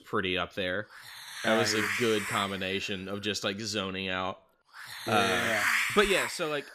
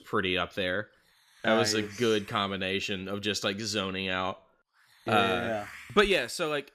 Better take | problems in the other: second | hiss; loud; throughout; 1 dB below the speech; faint in the second

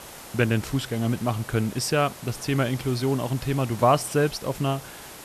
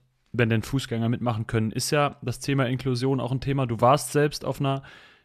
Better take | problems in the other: second | hiss; noticeable; throughout; 15 dB below the speech

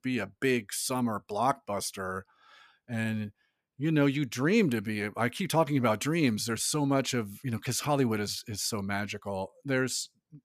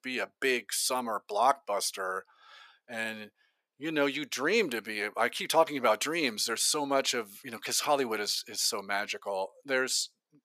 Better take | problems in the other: first | thin; somewhat; fading below 550 Hz

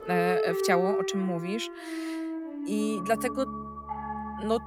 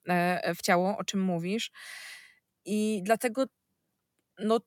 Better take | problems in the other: second | background music; loud; throughout; 3 dB below the speech

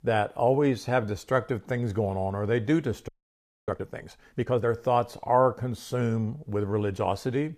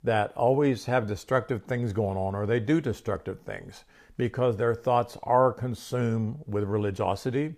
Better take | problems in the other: second | audio freezing; at 3 s for 0.5 s

